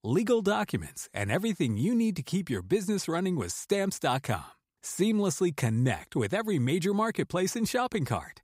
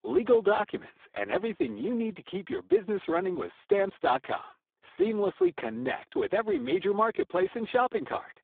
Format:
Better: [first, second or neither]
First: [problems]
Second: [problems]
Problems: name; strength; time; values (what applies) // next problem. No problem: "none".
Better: first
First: none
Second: phone-call audio; poor line; nothing above 3.5 kHz